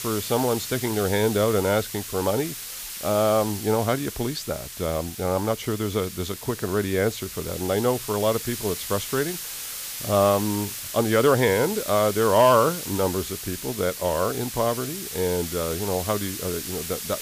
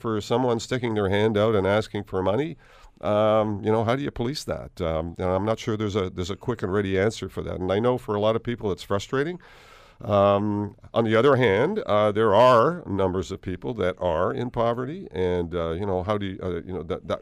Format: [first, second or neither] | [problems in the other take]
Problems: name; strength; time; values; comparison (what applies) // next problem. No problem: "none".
second | hiss; loud; throughout; 8 dB below the speech